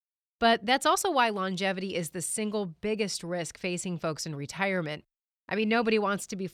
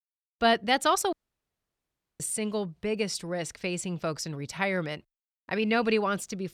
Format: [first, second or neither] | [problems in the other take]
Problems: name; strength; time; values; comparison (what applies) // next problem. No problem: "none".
first | audio cutting out; at 1 s for 1 s